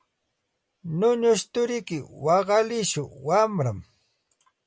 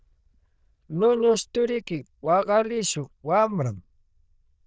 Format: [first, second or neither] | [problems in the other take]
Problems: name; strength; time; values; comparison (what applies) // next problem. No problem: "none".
first | noise reduction (neural diffusion model UNIVERSE++)